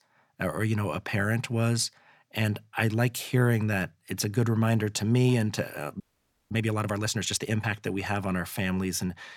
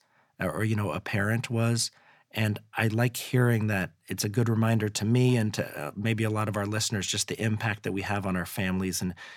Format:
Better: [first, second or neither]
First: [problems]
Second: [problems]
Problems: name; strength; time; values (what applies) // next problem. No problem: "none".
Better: second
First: audio freezing; at 6 s for 0.5 s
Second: none